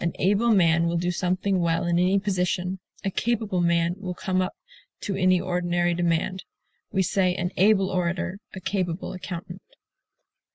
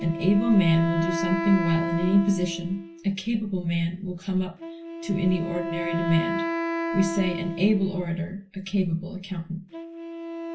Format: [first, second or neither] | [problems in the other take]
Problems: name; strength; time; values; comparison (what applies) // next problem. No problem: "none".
first | background sound (Wind instrument, woodwind instrument); 6 dB below the speech // room echo; dies away in 0.3 s